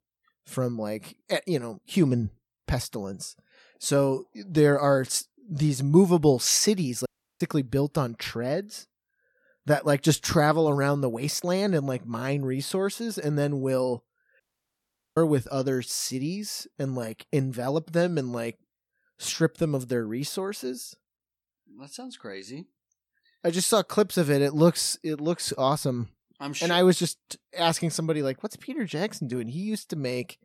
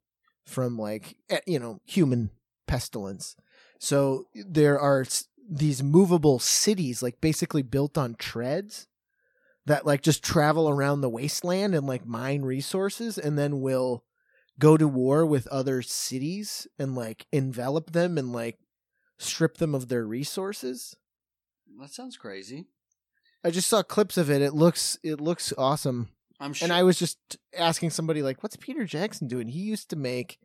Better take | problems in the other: second | audio cutting out; at 7 s and at 14 s for 1 s

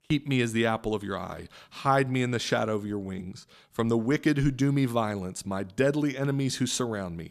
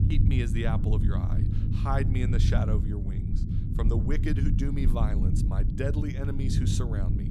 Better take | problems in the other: first | low rumble; loud; throughout; 3 dB below the speech

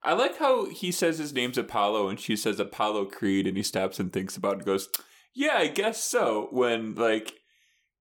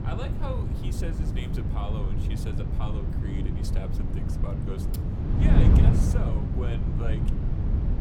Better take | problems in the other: first | wind noise on the microphone; heavy; 2 dB above the speech

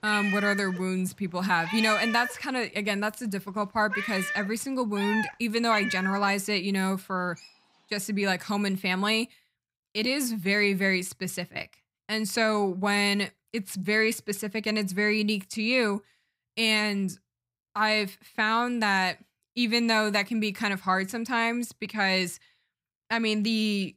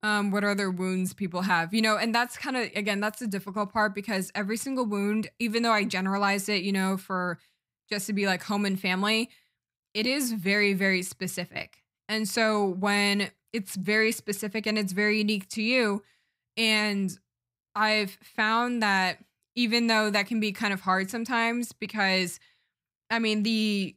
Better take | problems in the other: second | animal sounds; loud; until 8 s; 5 dB below the speech

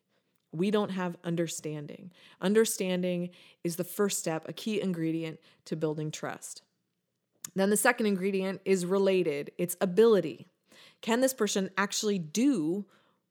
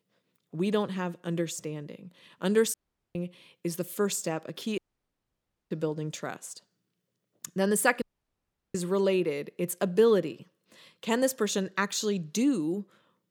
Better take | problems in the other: first | audio cutting out; at 2.5 s, at 5 s for 1 s and at 8 s for 0.5 s

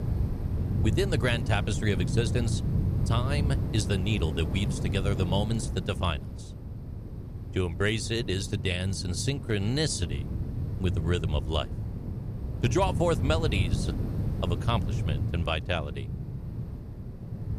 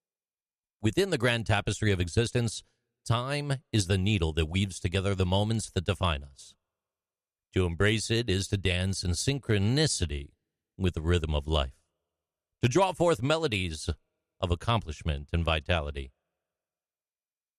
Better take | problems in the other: second | wind noise on the microphone; occasional gusts; 10 dB below the speech

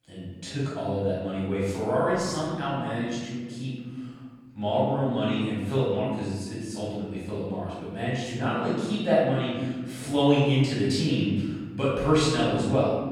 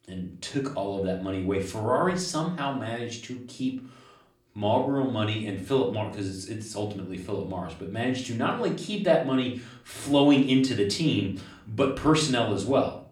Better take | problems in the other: second | room echo; strong; dies away in 1.7 s; slight in the second // off-mic speech; far; far in the second

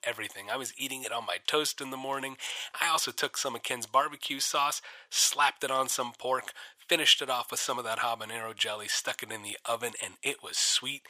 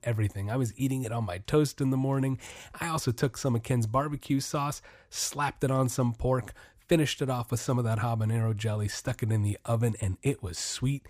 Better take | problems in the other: second | thin; very; fading below 800 Hz

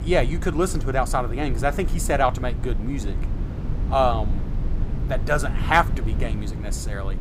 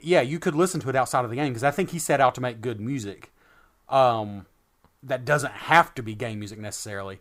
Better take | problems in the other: second | low rumble; noticeable; throughout; 15 dB below the speech

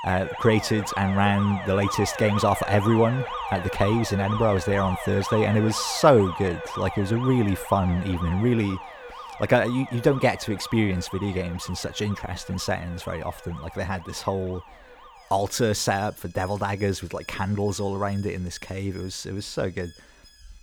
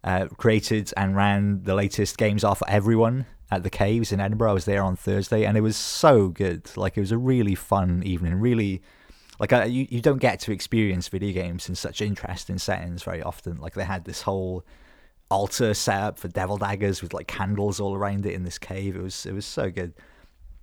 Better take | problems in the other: second | alarms or sirens; loud; throughout; 9 dB below the speech

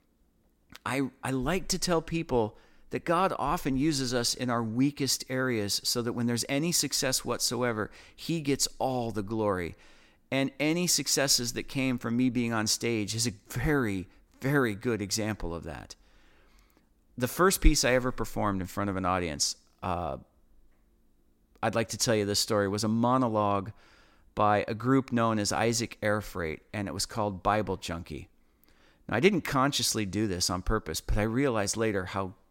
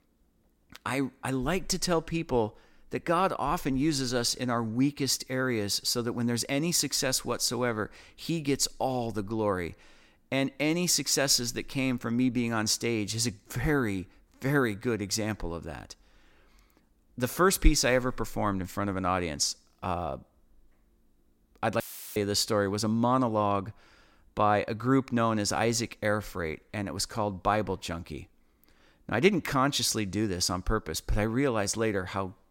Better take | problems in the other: first | audio cutting out; filled with static; at 22 s

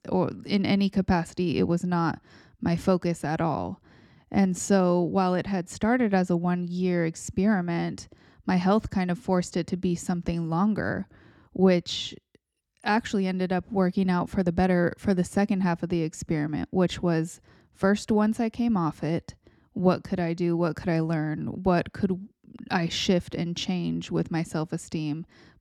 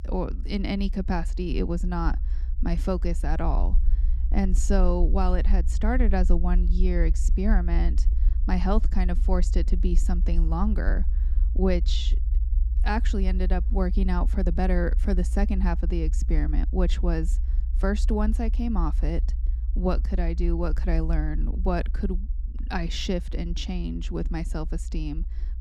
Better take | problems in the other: first | low rumble; noticeable; throughout; 15 dB below the speech

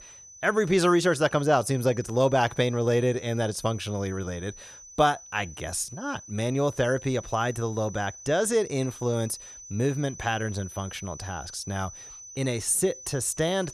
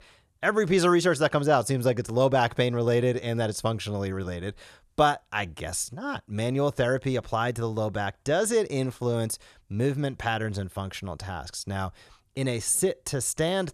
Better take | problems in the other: second | high-pitched whine; noticeable; throughout; 6 kHz, 15 dB below the speech

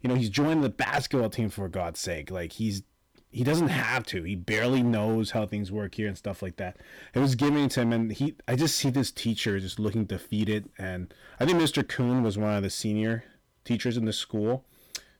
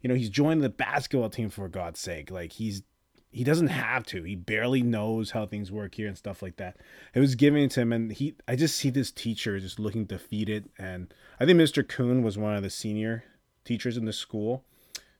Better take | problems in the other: second | distortion; heavy; 8% of the sound clipped

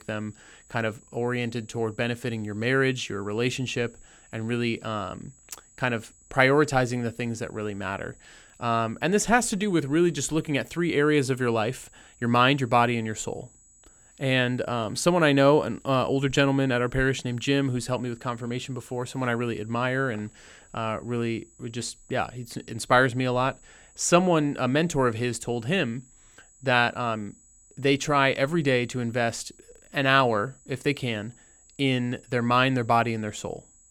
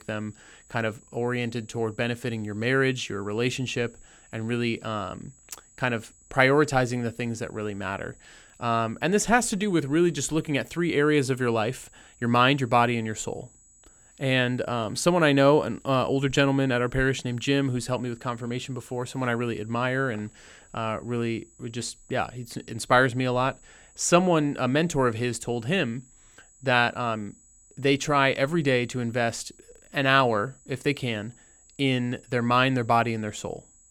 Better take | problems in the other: neither | high-pitched whine; faint; throughout; 7.5 kHz, 30 dB below the speech; the same in both

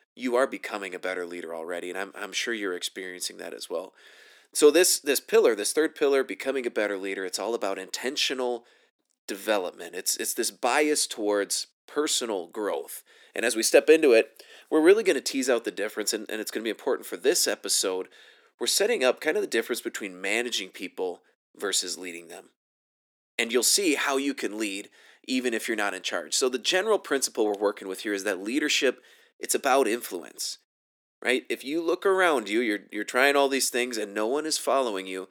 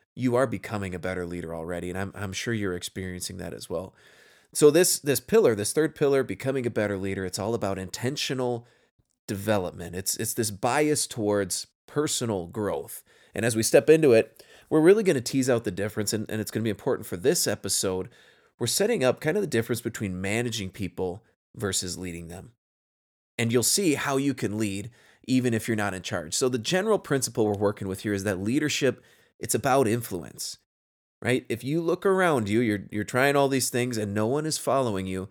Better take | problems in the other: second | thin; somewhat; fading below 250 Hz

